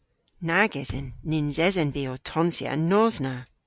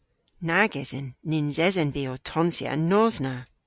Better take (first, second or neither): second